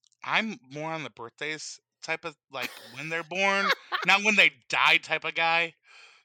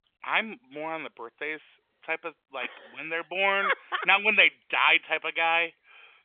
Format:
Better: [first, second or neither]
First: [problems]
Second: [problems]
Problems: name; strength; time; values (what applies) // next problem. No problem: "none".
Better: first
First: none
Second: phone-call audio; nothing above 3.5 kHz